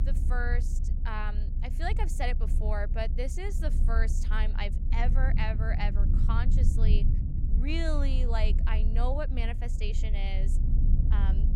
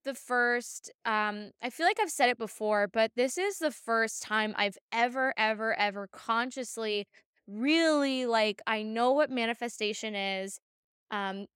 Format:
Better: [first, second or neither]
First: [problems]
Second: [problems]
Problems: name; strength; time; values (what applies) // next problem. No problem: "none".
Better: second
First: low rumble; loud; throughout; 9 dB below the speech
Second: none